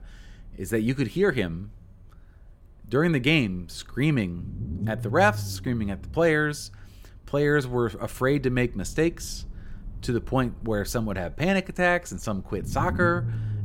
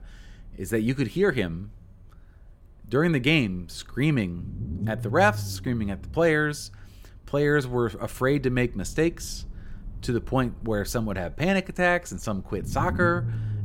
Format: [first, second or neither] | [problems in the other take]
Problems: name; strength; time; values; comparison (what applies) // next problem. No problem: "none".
neither | low rumble; faint; throughout; 20 dB below the speech; the same in both